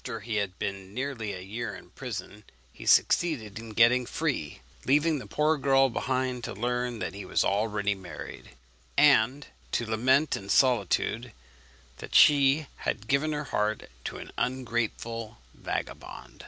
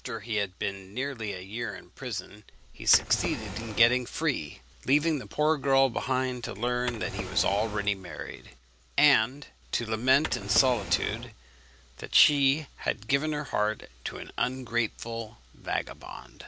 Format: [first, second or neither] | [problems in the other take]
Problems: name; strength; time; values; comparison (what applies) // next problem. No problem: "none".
first | background sound (Drawer open or close); 9 dB below the speech